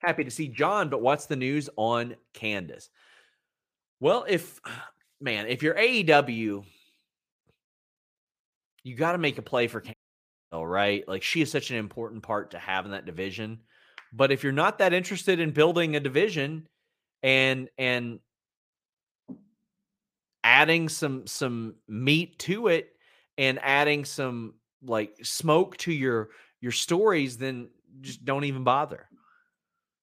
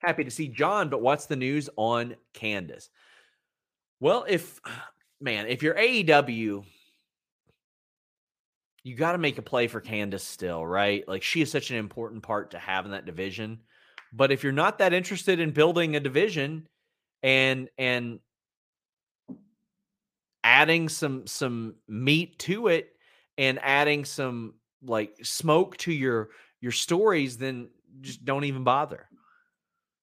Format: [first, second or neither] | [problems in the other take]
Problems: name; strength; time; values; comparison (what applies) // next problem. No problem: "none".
second | audio cutting out; at 10 s for 0.5 s